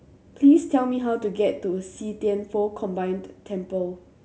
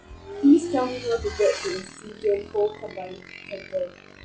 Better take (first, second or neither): first